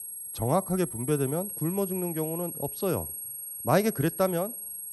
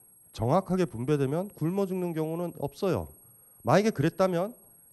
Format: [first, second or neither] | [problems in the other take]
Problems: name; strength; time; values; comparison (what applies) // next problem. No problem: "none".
second | high-pitched whine; loud; throughout; 11.5 kHz, 6 dB below the speech; faint in the second